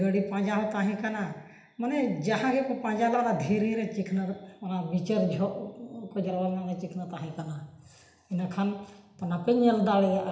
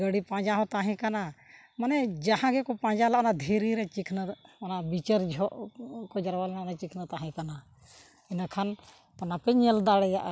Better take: second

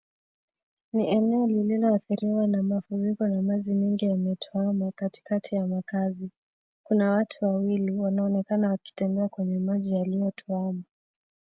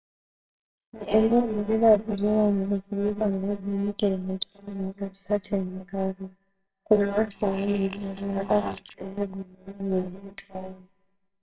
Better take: first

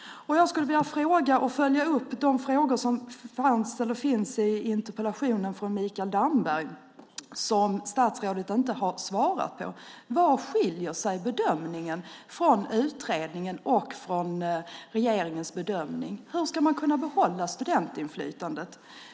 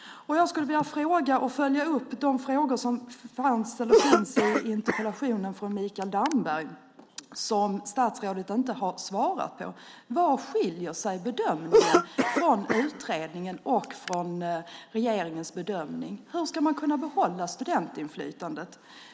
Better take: first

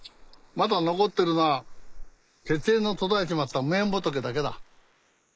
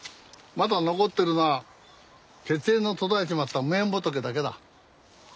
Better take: second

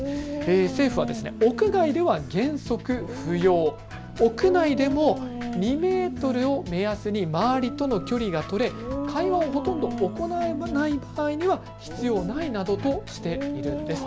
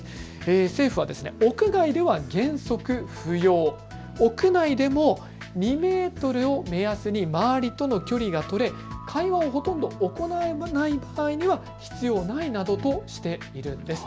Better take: second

